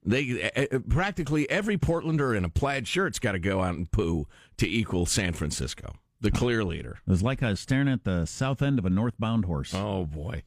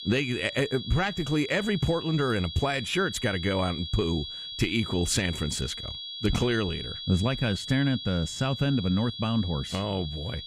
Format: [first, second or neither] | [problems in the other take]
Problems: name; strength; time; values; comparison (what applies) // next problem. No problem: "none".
first | high-pitched whine; loud; throughout; 3.5 kHz, 8 dB below the speech